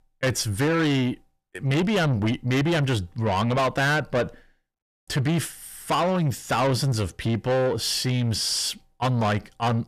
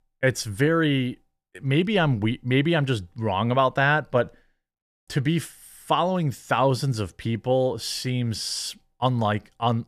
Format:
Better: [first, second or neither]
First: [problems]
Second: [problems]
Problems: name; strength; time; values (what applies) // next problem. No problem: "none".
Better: second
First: distortion; heavy; 8 dB below the speech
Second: none